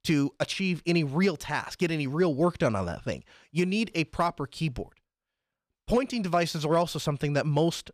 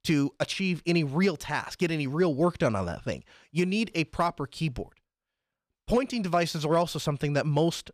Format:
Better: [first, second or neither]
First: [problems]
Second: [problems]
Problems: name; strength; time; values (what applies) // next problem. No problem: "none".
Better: neither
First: none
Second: none